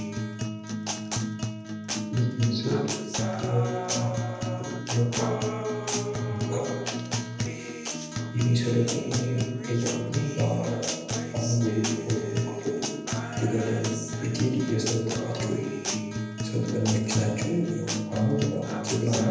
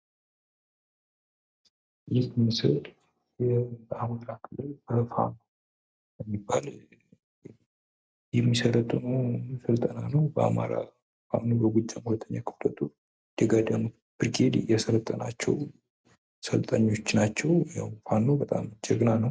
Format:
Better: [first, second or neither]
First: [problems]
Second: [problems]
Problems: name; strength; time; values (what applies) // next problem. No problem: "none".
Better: second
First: background sound (Acoustic guitar); 2 dB below the speech // room echo; dies away in 1 s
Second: none